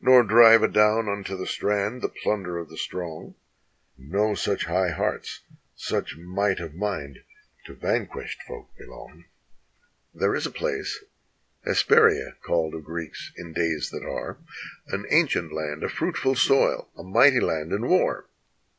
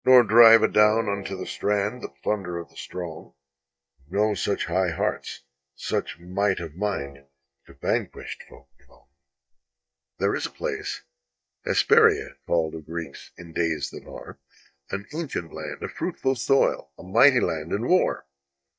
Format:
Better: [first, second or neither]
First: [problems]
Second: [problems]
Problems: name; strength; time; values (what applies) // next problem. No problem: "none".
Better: first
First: none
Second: noise reduction (neural mask model DeepFilterNet 3)